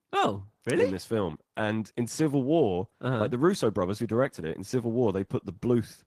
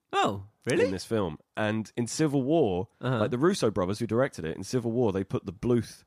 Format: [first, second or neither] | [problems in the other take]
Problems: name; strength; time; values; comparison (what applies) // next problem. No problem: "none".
second | garbled, watery; slightly; nothing above 12 kHz